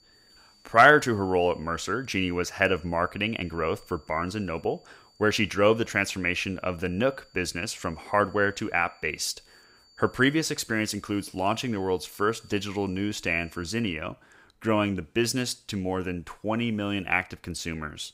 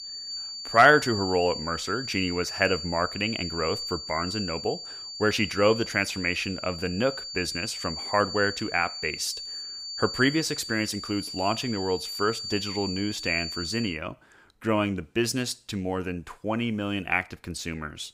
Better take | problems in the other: first | high-pitched whine; loud; until 14 s; 4.5 kHz, 7 dB below the speech; faint in the first

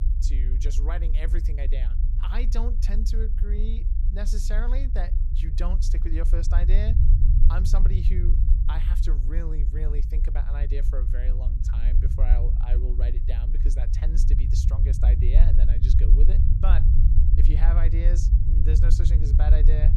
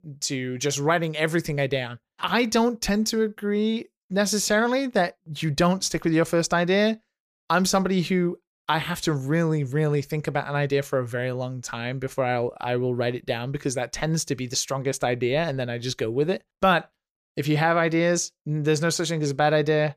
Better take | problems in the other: second | low rumble; loud; throughout; 3 dB below the speech

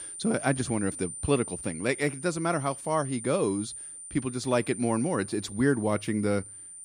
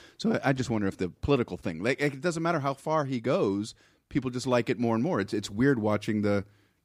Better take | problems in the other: second | high-pitched whine; loud; throughout; 9 kHz, 10 dB below the speech

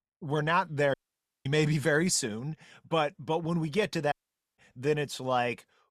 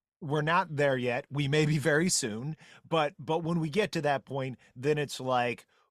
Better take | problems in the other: second | audio cutting out; at 1 s for 0.5 s and at 4 s

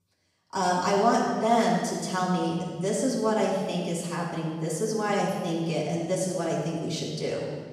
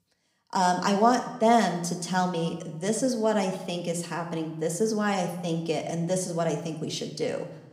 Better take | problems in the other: second | room echo; strong; dies away in 1.5 s; slight in the second // off-mic speech; far

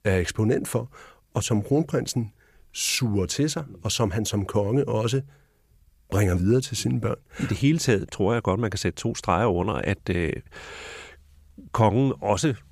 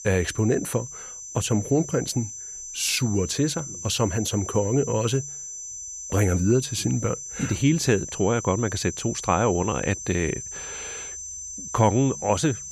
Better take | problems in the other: first | high-pitched whine; loud; throughout; 6 kHz, 9 dB below the speech

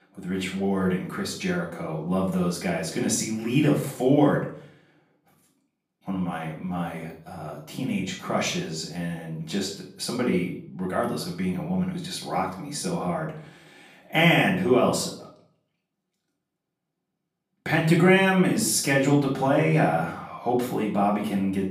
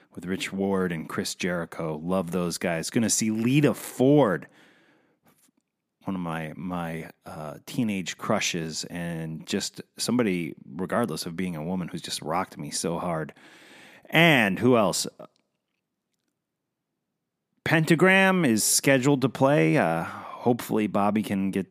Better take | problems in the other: second | room echo; slight; dies away in 0.5 s // off-mic speech; far

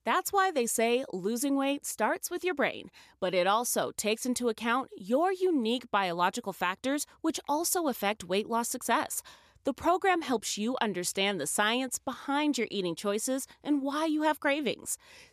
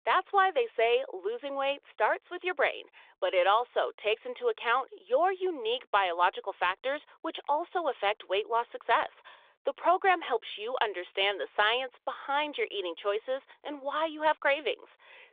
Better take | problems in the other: first | phone-call audio

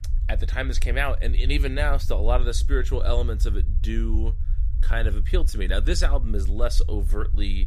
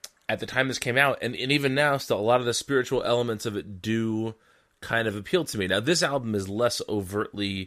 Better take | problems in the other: second | low rumble; noticeable; throughout; 15 dB below the speech

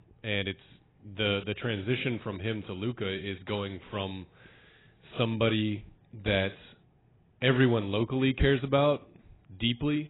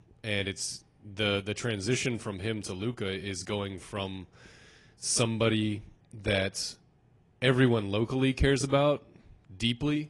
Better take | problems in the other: second | garbled, watery; badly; nothing above 4 kHz; slightly in the second

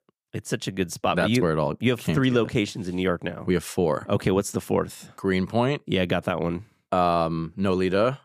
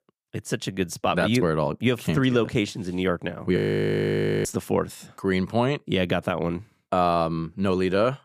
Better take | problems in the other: first | audio freezing; at 3.5 s for 1 s

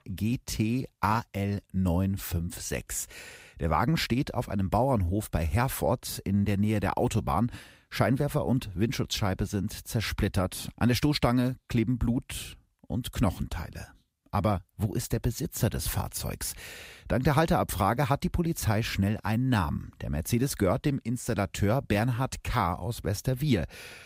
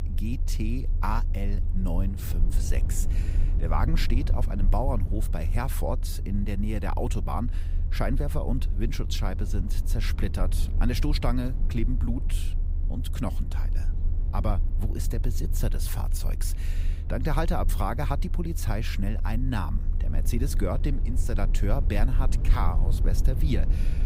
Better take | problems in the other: first | low rumble; noticeable; throughout; 10 dB below the speech

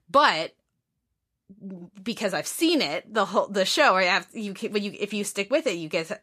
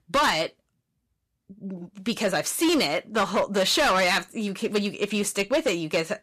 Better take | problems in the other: first | distortion; heavy; 9% of the sound clipped

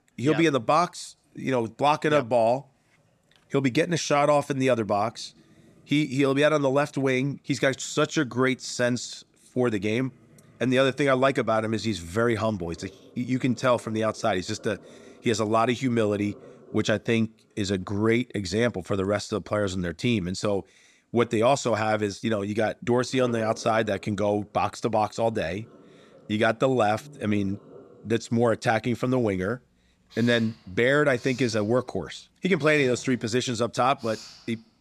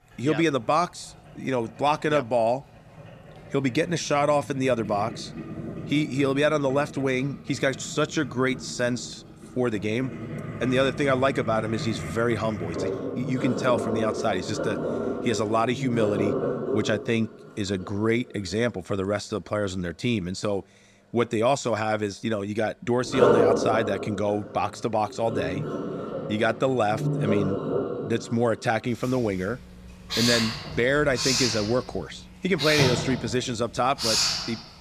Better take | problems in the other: first | household noises; loud; throughout; 3 dB below the speech; faint in the first

